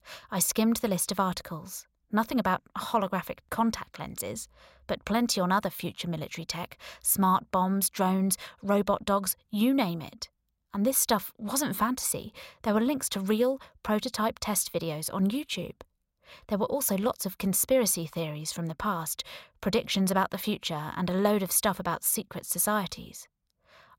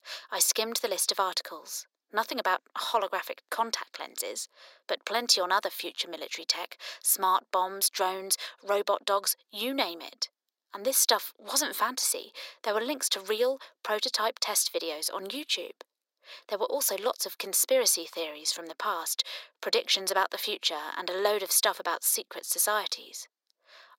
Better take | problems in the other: first | thin; very; fading below 300 Hz

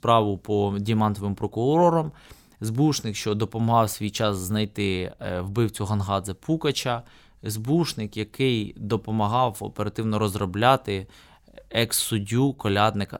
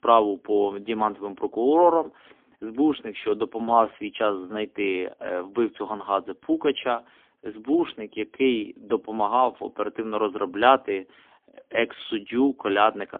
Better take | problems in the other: first | phone-call audio; poor line; nothing above 3.5 kHz

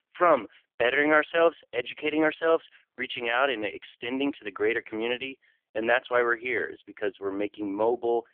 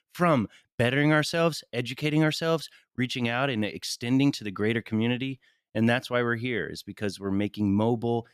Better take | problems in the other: second | phone-call audio; poor line; nothing above 3 kHz

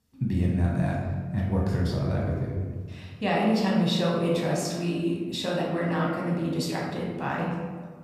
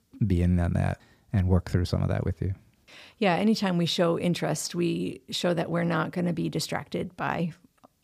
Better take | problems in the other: second | room echo; noticeable; dies away in 1.3 s // off-mic speech; far

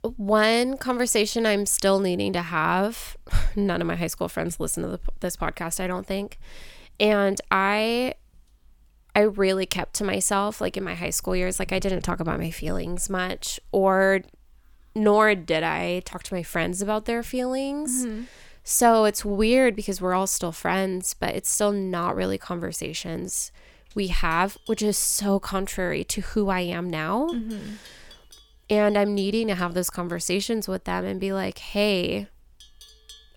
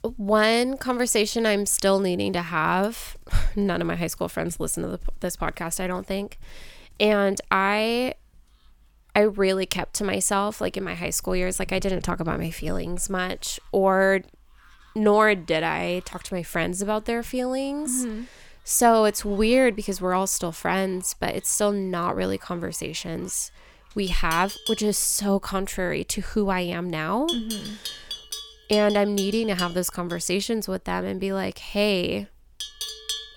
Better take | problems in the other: first | animal sounds; loud; throughout; 9 dB below the speech; faint in the first

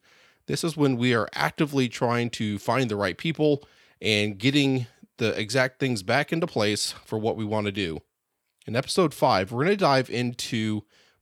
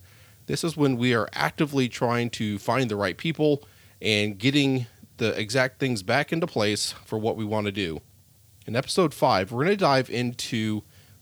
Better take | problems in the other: first | hiss; faint; throughout; 30 dB below the speech

